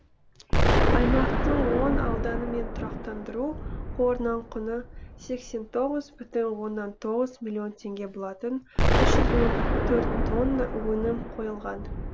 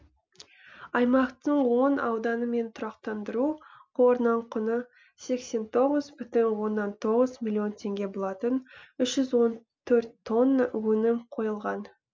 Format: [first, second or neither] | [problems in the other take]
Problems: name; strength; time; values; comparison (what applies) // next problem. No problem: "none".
second | background sound (Explosion); 3 dB above the speech